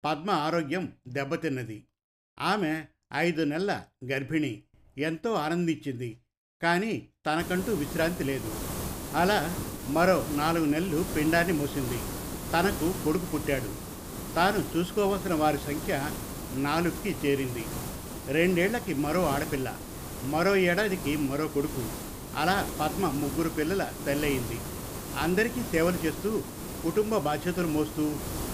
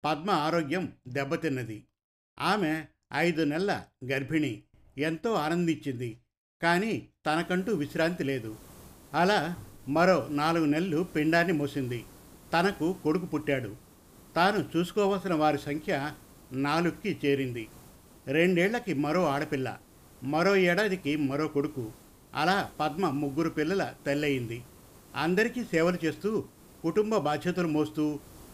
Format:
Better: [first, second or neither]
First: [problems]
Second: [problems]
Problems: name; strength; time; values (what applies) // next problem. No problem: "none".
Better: second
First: hiss; loud; from 7.5 s on; 8 dB below the speech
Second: hiss; faint; from 7.5 s on; 25 dB below the speech